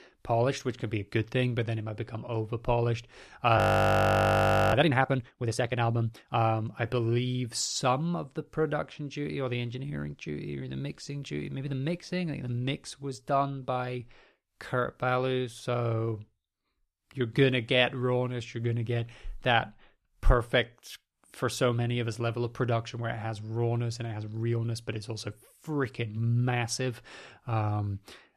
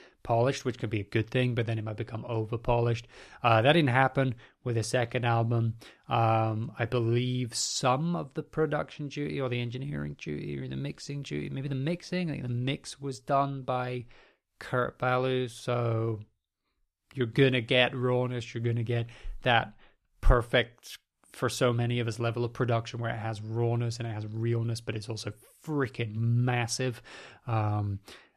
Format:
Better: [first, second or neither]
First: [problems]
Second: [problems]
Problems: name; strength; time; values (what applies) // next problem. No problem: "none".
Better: second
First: audio freezing; at 3.5 s for 1 s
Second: none